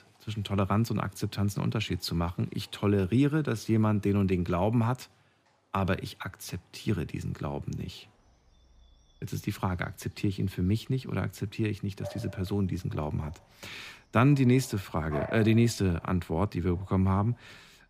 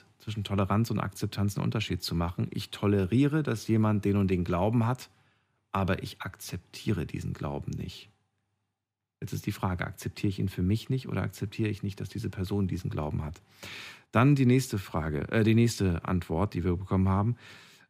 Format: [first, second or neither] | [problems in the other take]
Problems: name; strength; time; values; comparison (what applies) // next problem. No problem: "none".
second | animal sounds; noticeable; throughout; 15 dB below the speech